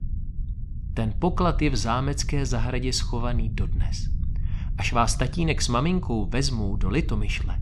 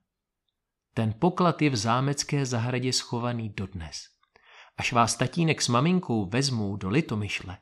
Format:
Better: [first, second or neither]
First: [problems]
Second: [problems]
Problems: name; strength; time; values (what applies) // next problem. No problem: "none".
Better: second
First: low rumble; noticeable; throughout; 20 dB below the speech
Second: none